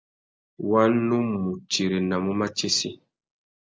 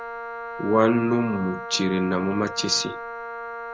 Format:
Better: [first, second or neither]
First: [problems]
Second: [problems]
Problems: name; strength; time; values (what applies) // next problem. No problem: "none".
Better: first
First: none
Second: background sound (Wind instrument, woodwind instrument); 9 dB below the speech